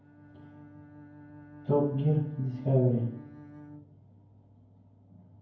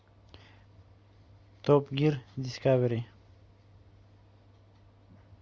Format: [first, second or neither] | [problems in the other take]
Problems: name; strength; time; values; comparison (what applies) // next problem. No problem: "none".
second | background sound (Bowed string instrument); 19 dB below the speech // room echo; dies away in 0.9 s